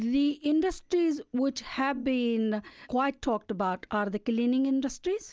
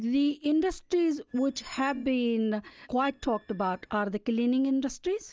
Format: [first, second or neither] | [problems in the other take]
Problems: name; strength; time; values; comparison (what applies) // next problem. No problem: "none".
first | noise reduction (neural mask model DeepFilterNet 3)